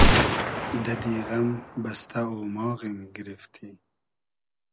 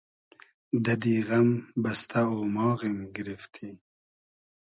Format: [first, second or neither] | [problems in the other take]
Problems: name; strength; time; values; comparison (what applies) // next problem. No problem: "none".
second | background sound (Gunshot, gunfire); 5 dB above the speech